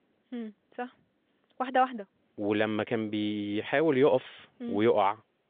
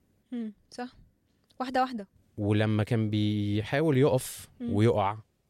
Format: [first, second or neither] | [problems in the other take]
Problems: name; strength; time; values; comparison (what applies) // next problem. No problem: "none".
second | phone-call audio